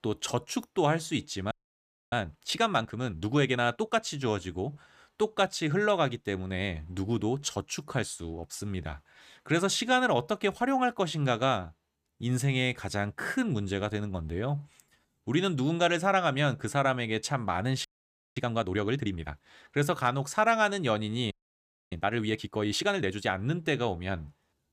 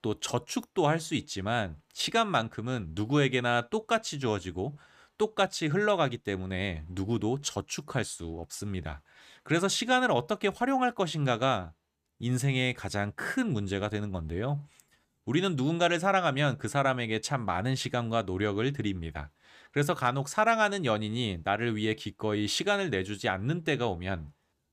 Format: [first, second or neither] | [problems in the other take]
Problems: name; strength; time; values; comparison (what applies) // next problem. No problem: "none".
second | audio freezing; at 1.5 s for 0.5 s, at 18 s for 0.5 s and at 21 s for 0.5 s